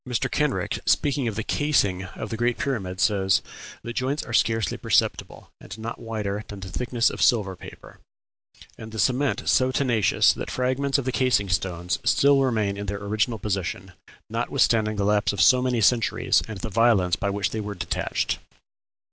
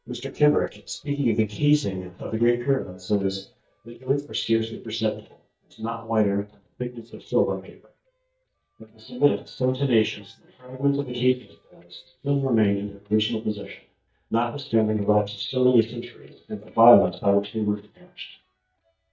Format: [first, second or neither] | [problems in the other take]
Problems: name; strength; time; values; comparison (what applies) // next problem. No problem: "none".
first | noise reduction (neural mask model DeepFilterNet 3)